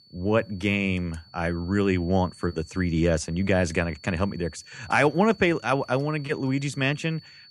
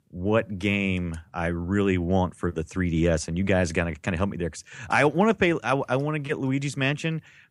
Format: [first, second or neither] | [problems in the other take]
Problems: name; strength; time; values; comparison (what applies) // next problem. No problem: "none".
second | high-pitched whine; faint; throughout; 4.5 kHz, 25 dB below the speech